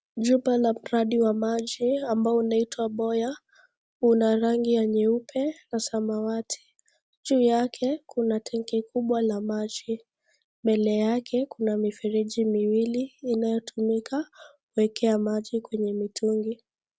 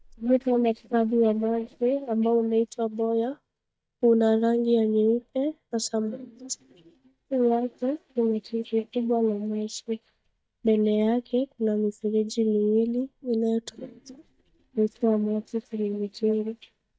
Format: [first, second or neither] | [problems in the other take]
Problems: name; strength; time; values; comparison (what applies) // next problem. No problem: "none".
first | noise reduction (neural mask model DeepFilterNet 3)